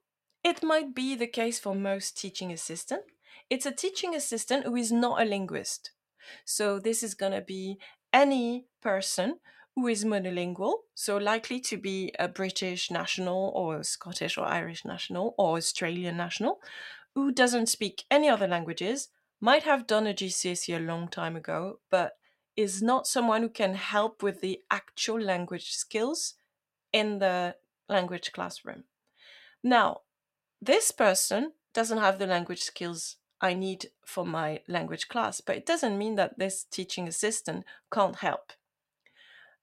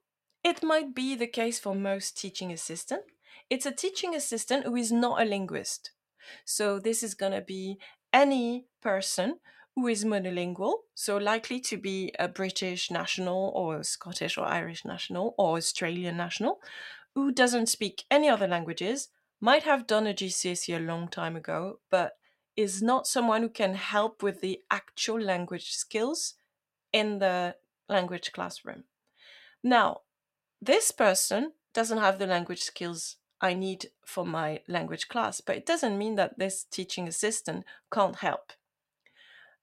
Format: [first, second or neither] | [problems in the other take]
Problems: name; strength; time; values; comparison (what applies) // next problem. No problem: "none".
neither | none